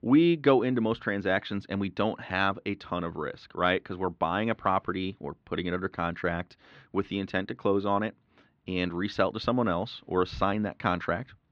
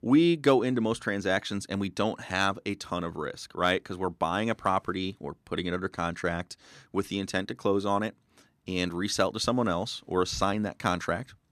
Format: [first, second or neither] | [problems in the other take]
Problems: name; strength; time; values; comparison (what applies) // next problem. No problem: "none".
second | muffled; slightly; fading above 3.5 kHz